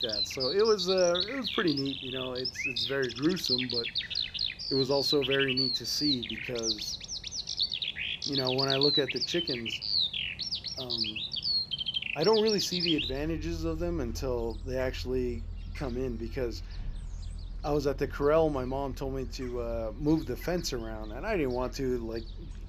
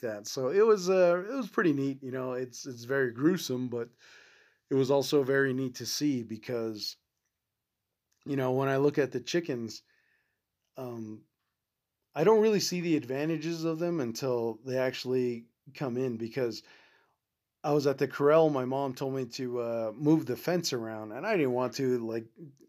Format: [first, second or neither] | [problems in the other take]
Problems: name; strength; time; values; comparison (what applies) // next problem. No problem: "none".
second | animal sounds; very loud; throughout; as loud as the speech